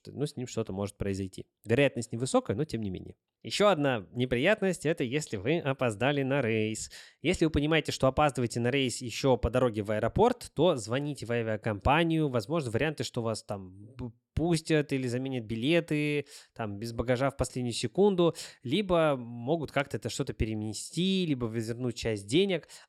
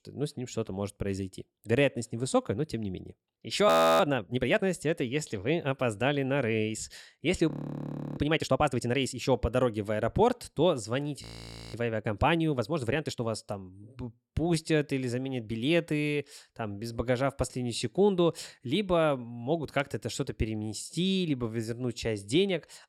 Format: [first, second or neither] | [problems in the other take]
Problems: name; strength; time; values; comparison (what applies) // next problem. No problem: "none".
first | audio freezing; at 3.5 s, at 7.5 s for 0.5 s and at 11 s for 0.5 s